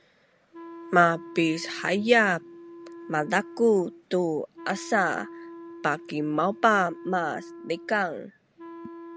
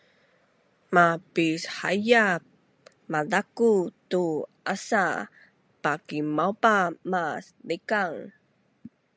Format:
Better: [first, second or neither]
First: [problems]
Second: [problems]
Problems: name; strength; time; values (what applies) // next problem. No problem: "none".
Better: second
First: background sound (Wind instrument, woodwind instrument); 17 dB below the speech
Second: none